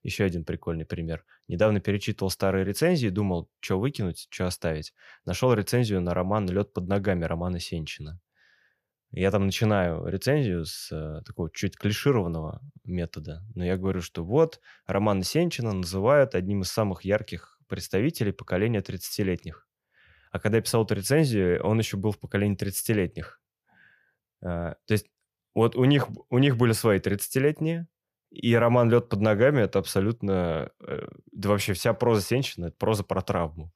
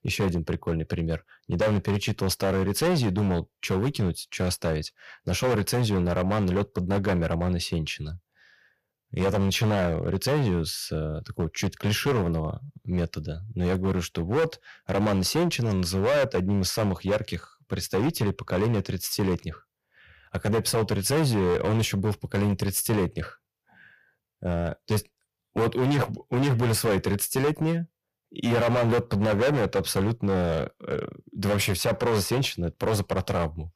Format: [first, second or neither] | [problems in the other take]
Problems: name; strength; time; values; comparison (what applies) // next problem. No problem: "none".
first | distortion; heavy; 13% of the sound clipped